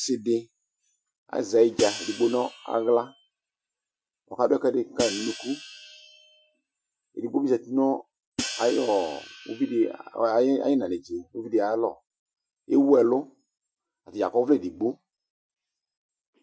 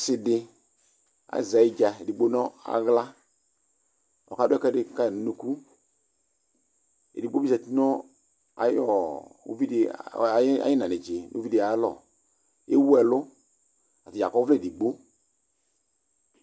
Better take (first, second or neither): second